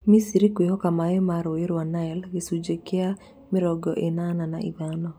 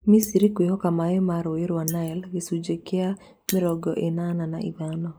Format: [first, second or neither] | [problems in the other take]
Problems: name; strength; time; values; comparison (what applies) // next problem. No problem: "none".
first | noise reduction (neural mask model Resemble Enhance denoiser)